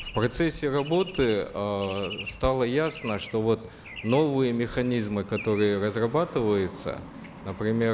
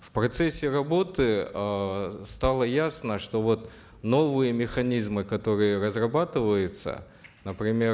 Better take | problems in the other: second | background sound (Traffic noise, roadway noise / Bird); 16 dB below the speech

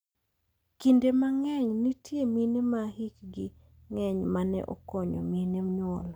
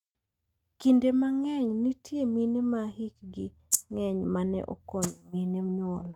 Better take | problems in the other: first | noise reduction (neural mask model RNNoise)

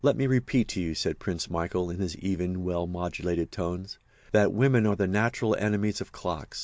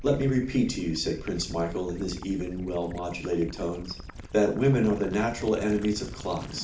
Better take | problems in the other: first | background sound (Gurgling / Liquid); 13 dB below the speech // room echo; dies away in 0.4 s

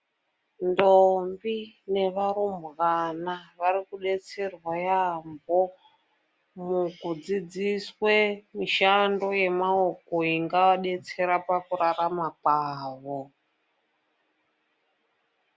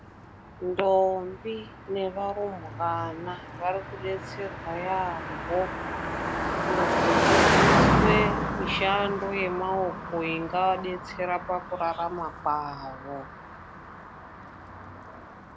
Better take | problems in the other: first | background sound (Car passing by); 2 dB above the speech

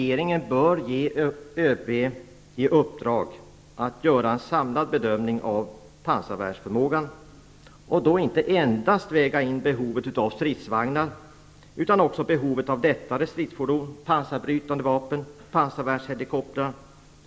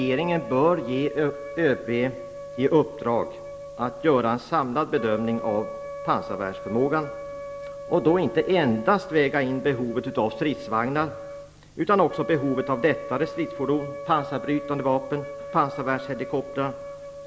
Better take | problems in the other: first | background sound (Wind instrument, woodwind instrument); 12 dB below the speech

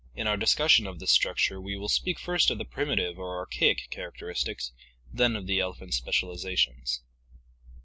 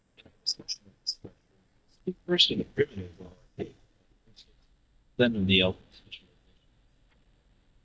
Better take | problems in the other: first | noise reduction (neural mask model DeepFilterNet 3)

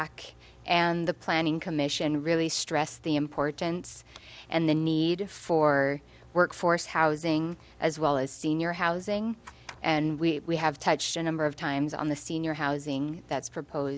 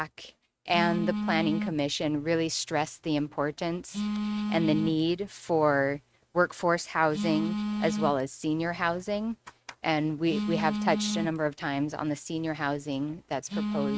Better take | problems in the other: first | noise reduction (neural mask model RNNoise)

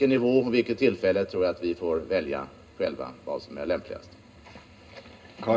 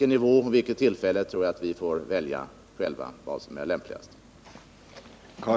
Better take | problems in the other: second | room echo; dies away in 0.2 s

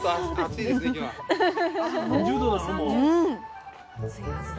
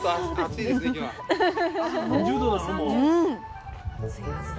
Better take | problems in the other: first | background sound (Waves, surf); 19 dB below the speech

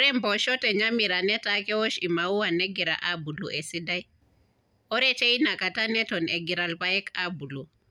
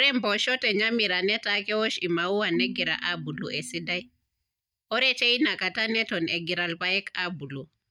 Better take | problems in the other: first | noise reduction (neural mask model DeepFilterNet 3)

